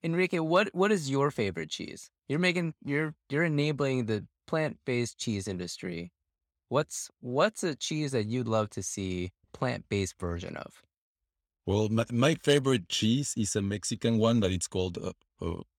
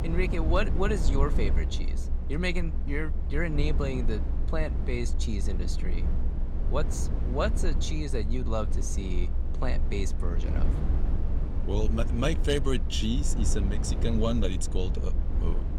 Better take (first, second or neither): first